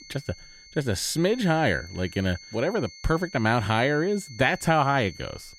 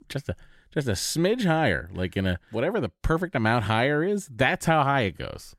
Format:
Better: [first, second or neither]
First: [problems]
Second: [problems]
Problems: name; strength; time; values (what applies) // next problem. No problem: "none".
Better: second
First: high-pitched whine; noticeable; throughout; 4.5 kHz, 20 dB below the speech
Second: none